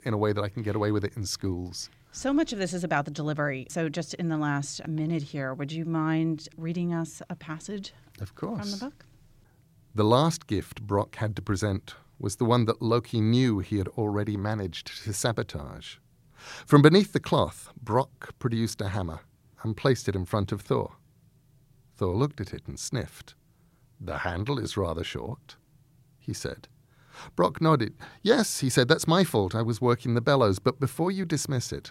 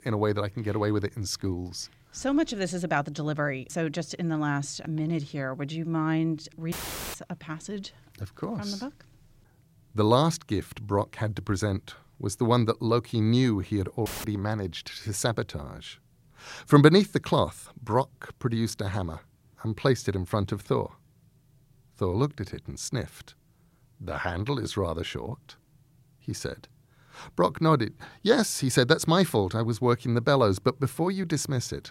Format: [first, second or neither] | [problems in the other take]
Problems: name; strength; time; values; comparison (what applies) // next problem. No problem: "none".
first | audio cutting out; filled with static; at 6.5 s and at 14 s